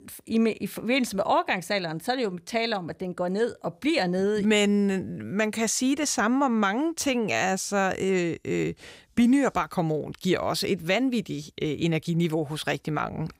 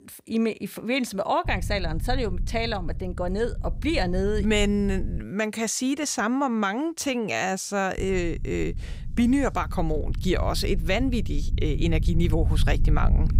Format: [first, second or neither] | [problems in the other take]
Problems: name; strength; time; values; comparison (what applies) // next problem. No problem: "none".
first | low rumble; noticeable; from 1.5 to 5 s and from 8 s on; 20 dB below the speech